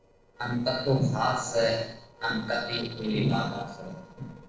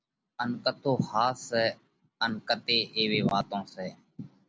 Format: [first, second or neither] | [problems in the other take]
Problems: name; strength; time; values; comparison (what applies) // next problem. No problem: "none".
second | noise reduction (neural separator model SepFormer DNS4)